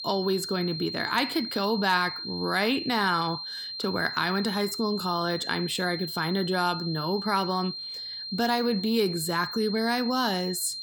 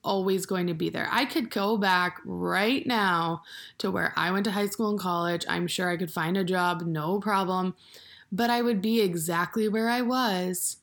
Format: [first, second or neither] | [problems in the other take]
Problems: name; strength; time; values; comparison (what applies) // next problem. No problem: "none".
second | high-pitched whine; loud; throughout; 4 kHz, 6 dB below the speech